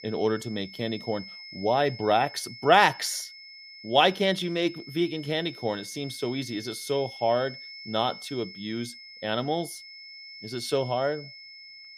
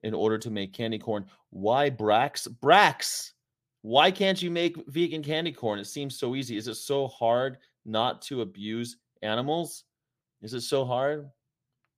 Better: second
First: high-pitched whine; noticeable; throughout; 5 kHz, 15 dB below the speech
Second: none

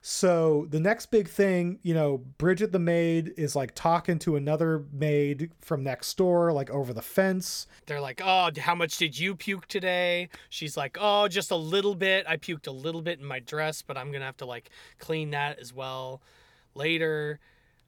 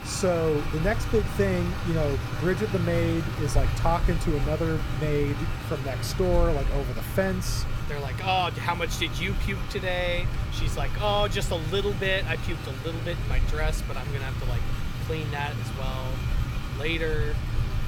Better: first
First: none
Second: traffic noise; loud; throughout; 2 dB below the speech

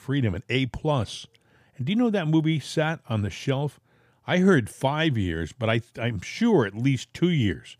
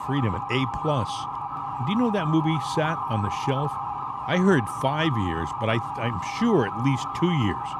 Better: first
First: none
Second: siren; noticeable; peak 3 dB below the speech

